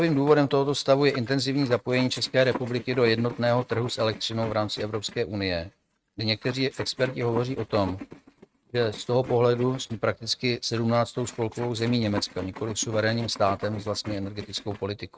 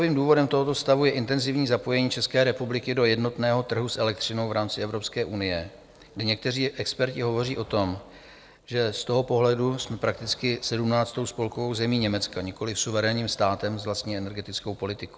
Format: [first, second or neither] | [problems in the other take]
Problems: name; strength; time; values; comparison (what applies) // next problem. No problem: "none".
second | noise reduction (neural mask model RNNoise)